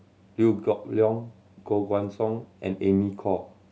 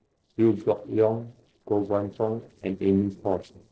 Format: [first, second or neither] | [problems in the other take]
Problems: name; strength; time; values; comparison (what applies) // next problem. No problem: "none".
first | noise reduction (neural separator model SepFormer DNS4)